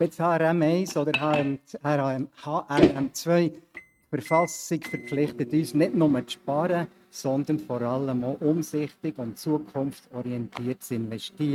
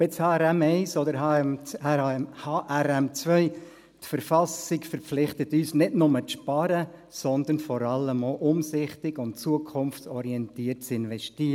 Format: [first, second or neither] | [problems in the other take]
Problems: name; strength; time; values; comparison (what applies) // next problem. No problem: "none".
second | noise reduction (neural mask model RNNoise)